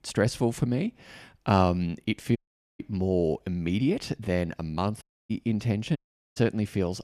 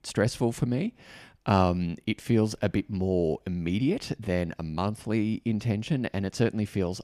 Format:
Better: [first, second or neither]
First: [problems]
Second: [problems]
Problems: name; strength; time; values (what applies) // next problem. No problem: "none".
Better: second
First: audio cutting out; at 2.5 s, at 5 s and at 6 s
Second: none